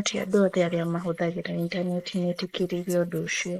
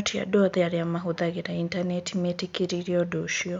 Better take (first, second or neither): second